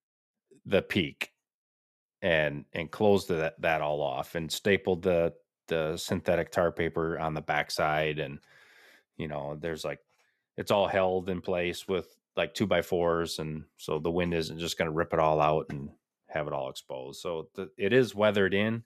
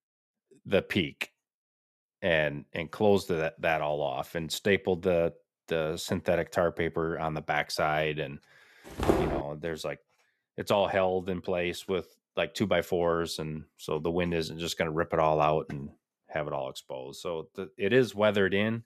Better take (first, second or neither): first